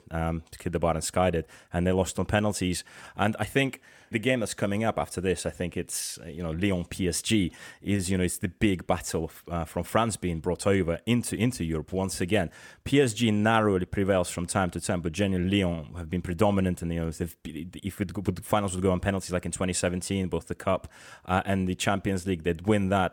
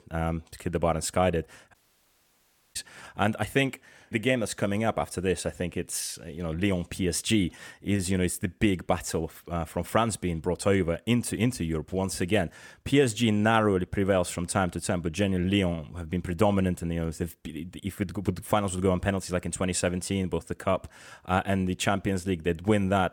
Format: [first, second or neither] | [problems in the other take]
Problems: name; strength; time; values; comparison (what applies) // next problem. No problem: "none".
first | audio cutting out; at 1.5 s for 1 s